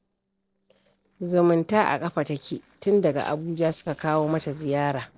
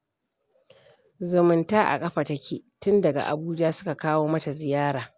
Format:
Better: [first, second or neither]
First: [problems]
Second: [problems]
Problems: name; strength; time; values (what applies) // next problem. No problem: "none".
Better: second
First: noise reduction (neural separator model SepFormer DNS4)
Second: none